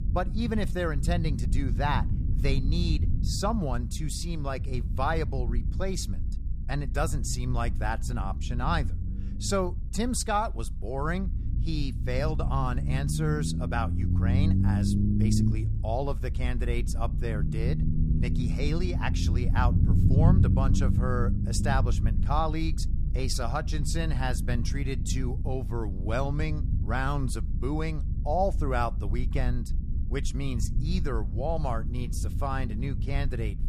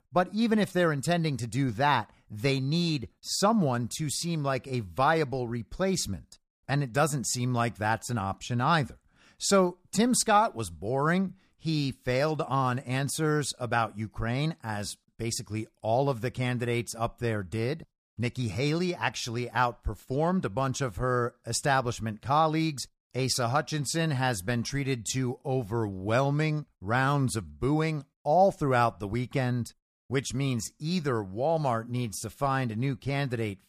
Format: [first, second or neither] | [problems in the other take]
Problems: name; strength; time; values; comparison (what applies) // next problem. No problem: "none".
second | low rumble; loud; throughout; 9 dB below the speech